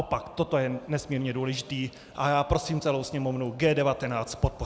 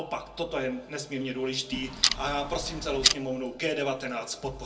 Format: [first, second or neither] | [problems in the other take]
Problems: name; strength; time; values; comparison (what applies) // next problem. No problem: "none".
first | background sound (Clock); 1 dB above the speech // room echo; dies away in 0.2 s